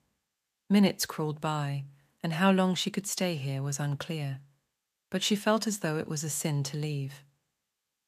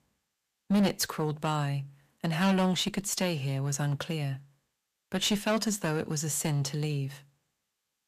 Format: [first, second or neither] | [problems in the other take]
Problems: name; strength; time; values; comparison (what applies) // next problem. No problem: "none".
first | distortion; slight; 5% of the sound clipped